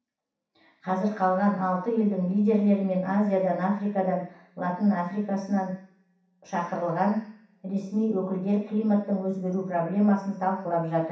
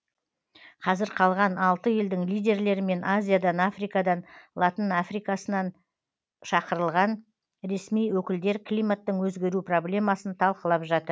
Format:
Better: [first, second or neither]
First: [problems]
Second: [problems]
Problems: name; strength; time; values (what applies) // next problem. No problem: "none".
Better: second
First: room echo; dies away in 0.7 s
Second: none